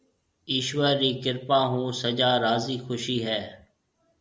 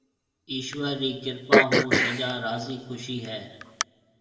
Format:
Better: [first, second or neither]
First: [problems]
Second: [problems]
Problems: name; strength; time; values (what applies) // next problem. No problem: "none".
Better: first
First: none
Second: background sound (Cough); 5 dB above the speech // room echo; dies away in 1.2 s